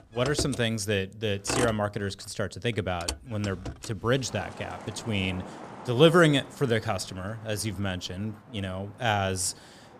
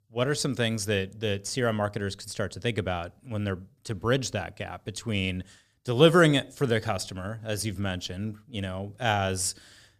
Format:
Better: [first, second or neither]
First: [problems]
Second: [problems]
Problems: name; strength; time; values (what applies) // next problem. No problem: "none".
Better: second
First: traffic noise; noticeable; throughout; 10 dB below the speech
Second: none